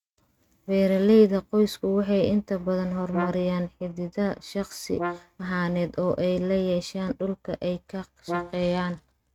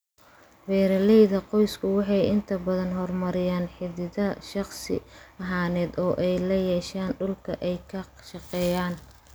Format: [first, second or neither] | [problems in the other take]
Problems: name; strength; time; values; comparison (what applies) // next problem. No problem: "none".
second | noise reduction (neural mask model RNNoise)